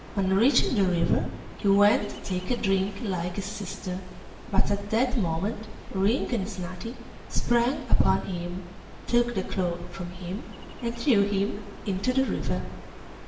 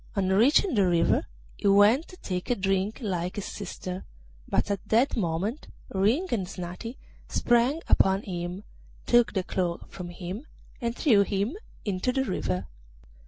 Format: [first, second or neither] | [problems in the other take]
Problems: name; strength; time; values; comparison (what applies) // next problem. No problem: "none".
second | background sound (Ocean); 19 dB below the speech // room echo; dies away in 0.8 s